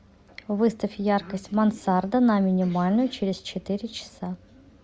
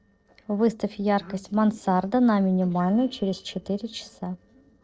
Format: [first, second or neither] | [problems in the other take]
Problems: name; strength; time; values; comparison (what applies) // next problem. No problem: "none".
first | noise reduction (neural separator model SepFormer DNS4)